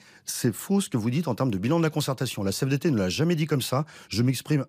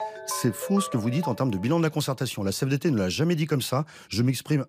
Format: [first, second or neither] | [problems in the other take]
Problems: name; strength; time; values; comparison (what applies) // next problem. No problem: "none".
first | phone ringing; noticeable; until 1.5 s; peak 8 dB below the speech